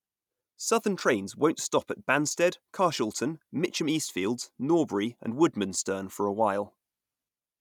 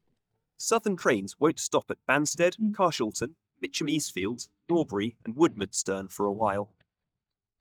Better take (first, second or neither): first